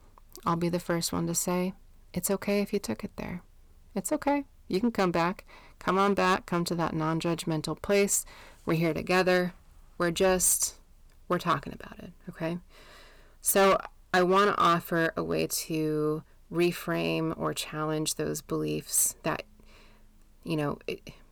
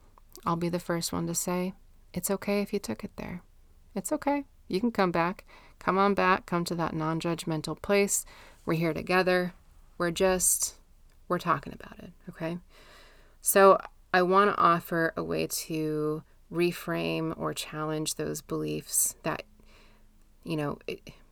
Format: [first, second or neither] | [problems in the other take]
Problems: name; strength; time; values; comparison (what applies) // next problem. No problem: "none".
second | distortion; slight; 3% of the sound clipped